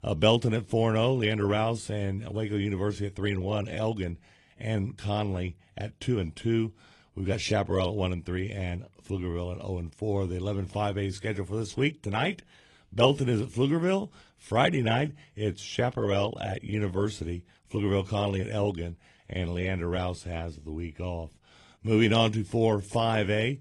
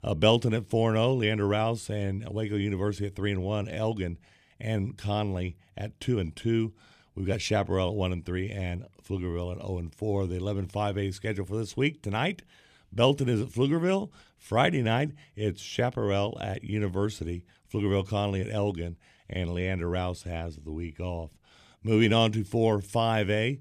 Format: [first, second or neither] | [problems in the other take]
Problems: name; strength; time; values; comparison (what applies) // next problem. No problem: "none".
second | garbled, watery; slightly